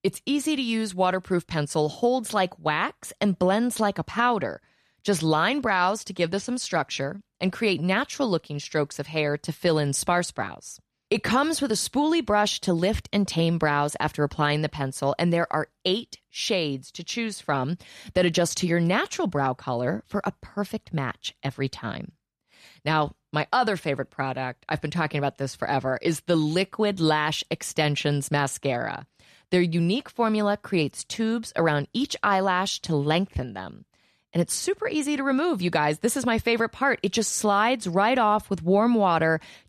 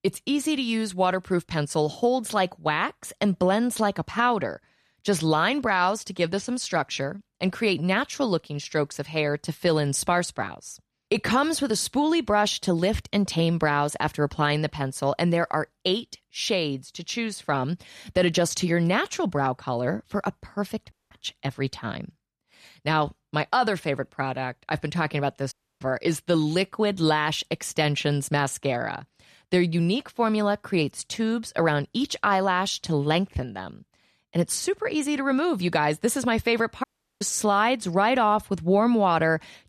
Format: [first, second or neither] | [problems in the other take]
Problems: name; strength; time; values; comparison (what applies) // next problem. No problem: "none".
first | audio cutting out; at 21 s, at 26 s and at 37 s